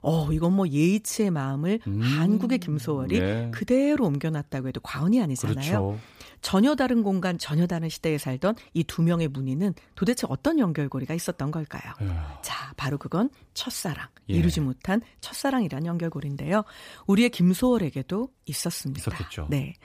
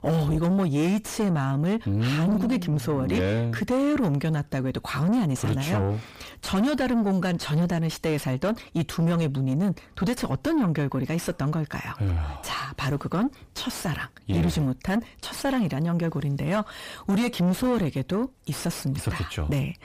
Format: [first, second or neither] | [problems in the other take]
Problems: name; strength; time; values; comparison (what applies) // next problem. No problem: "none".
first | distortion; heavy; 7 dB below the speech